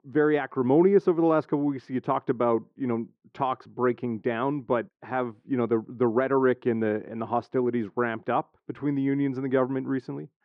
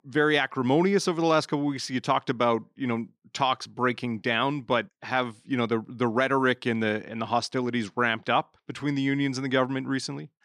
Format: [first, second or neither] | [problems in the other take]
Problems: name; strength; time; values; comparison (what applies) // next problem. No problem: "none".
second | muffled; very; fading above 3 kHz